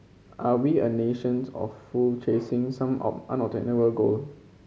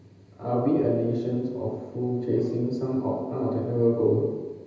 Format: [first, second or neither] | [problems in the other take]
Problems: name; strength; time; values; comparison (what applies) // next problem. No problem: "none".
first | room echo; dies away in 1.1 s